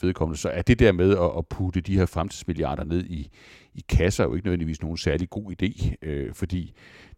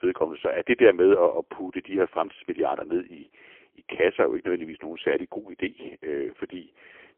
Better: first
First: none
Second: phone-call audio; poor line; nothing above 3 kHz

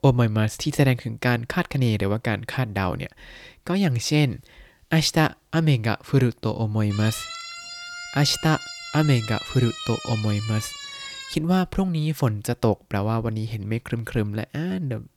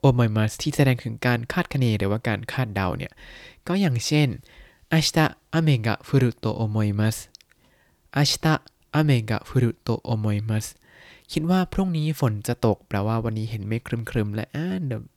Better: second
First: siren; noticeable; from 7 to 11 s; peak 9 dB below the speech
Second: none

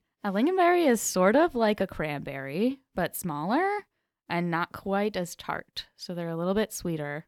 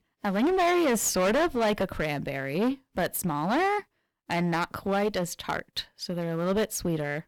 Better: first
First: none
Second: distortion; heavy; 14% of the sound clipped

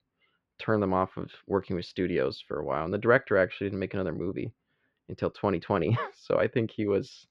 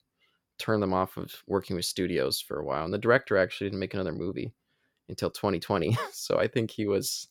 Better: second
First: muffled; slightly; fading above 3 kHz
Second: none

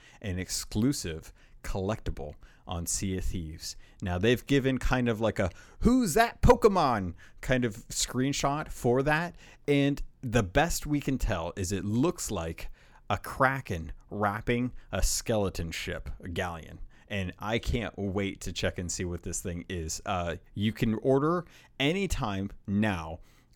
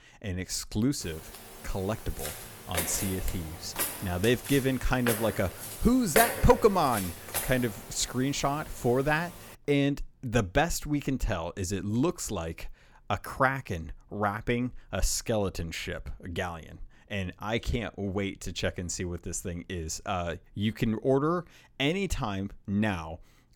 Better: first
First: none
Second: footsteps; loud; from 2 to 7.5 s; peak 3 dB above the speech

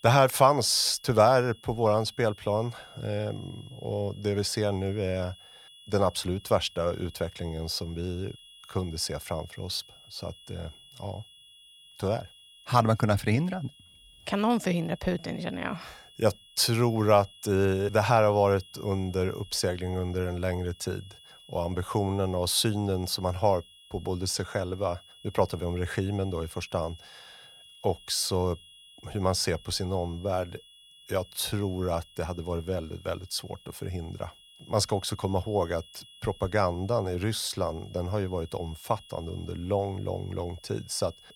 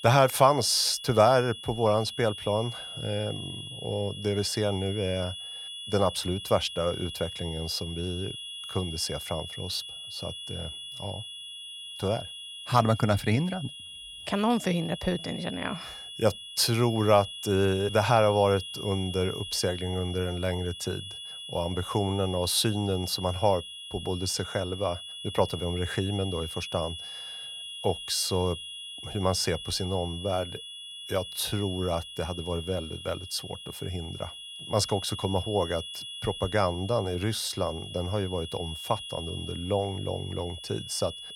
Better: first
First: high-pitched whine; faint; throughout; 3.5 kHz, 20 dB below the speech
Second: high-pitched whine; loud; throughout; 3.5 kHz, 9 dB below the speech

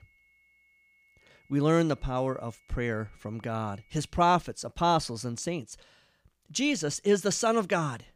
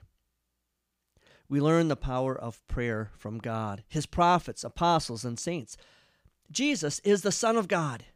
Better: second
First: high-pitched whine; faint; until 4 s; 2 kHz, 35 dB below the speech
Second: none

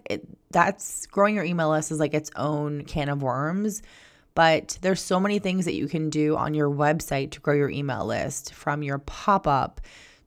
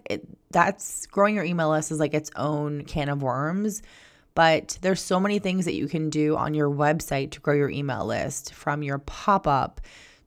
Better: neither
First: none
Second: none

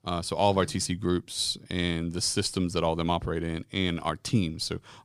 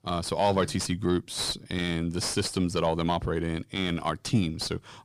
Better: first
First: none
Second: distortion; slight; 10 dB below the speech

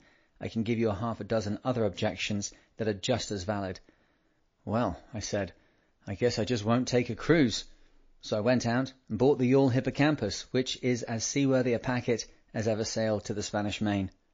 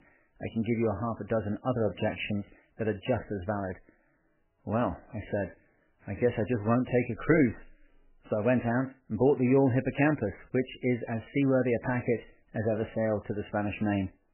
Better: first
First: garbled, watery; slightly; nothing above 6 kHz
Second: garbled, watery; badly; nothing above 3 kHz

